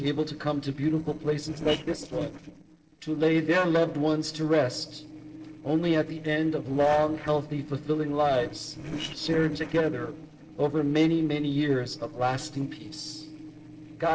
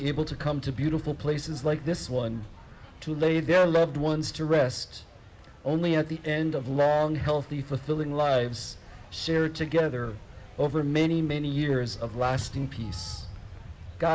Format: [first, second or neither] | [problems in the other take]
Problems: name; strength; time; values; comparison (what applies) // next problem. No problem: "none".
second | noise reduction (neural separator model SepFormer DNS4)